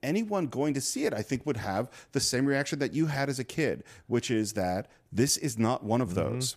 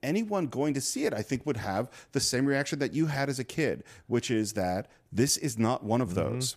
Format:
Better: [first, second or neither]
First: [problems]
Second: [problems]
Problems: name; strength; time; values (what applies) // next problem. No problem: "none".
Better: neither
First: none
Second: none